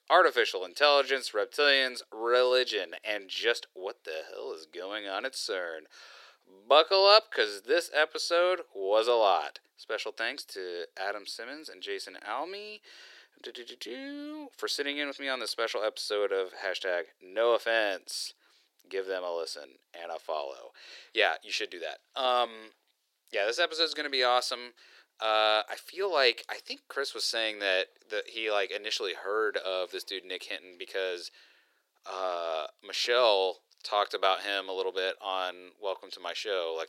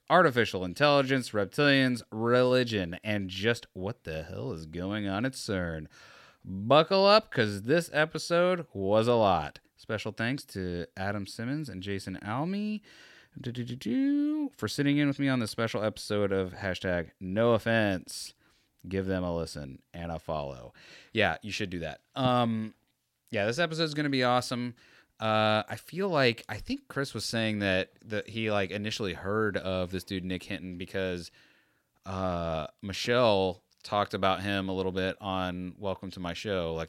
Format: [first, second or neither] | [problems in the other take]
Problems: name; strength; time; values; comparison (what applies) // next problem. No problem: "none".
second | thin; very; fading below 400 Hz